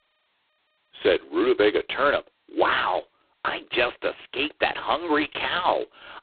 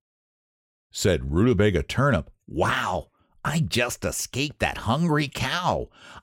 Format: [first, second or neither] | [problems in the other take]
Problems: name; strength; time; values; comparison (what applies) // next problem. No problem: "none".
second | phone-call audio; poor line; nothing above 4 kHz